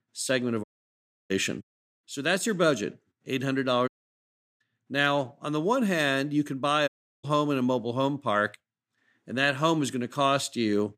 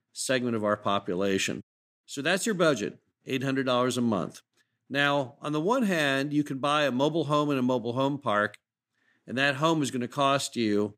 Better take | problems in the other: second | audio cutting out; at 0.5 s for 0.5 s, at 4 s for 0.5 s and at 7 s

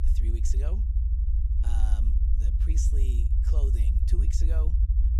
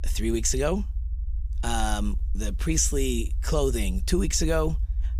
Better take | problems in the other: second | low rumble; loud; throughout; 1 dB below the speech; faint in the second

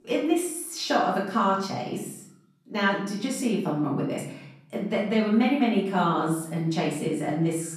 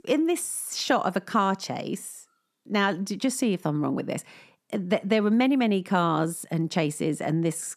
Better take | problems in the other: second | room echo; noticeable; dies away in 0.6 s // off-mic speech; far

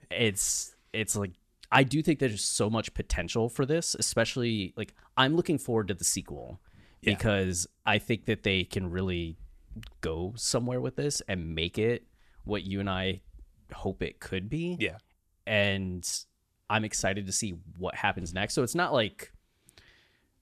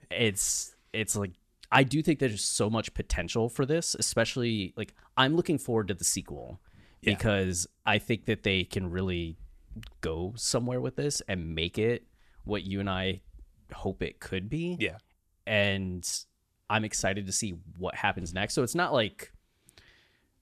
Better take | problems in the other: neither | none

